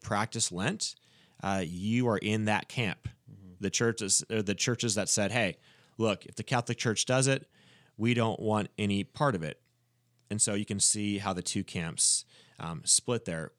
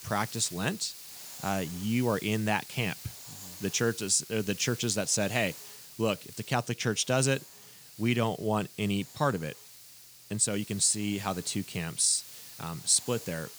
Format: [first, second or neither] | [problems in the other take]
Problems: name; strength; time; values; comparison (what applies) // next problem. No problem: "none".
first | hiss; noticeable; throughout; 15 dB below the speech